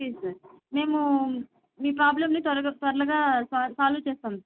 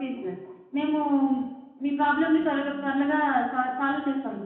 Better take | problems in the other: first | background sound (Piano); 16 dB below the speech // room echo; dies away in 0.9 s

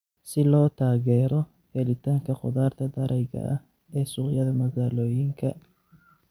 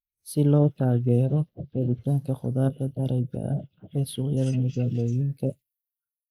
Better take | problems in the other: first | noise reduction (neural mask model Resemble Enhance denoiser)

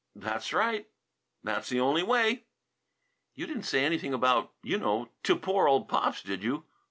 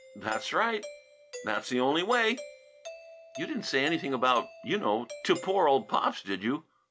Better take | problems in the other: first | background sound (Doorbell); 17 dB below the speech

